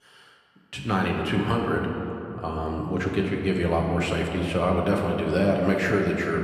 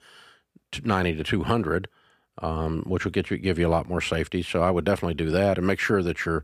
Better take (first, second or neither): second